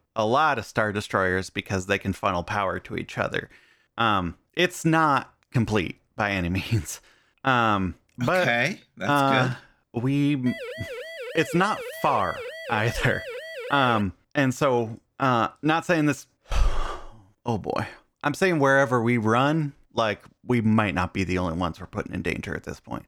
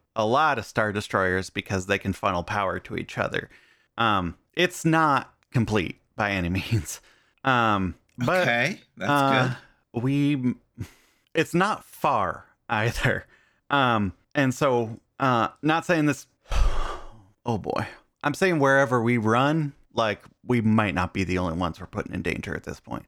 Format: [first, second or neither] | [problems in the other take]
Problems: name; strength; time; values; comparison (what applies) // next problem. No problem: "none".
second | siren; faint; from 10 to 14 s; peak 10 dB below the speech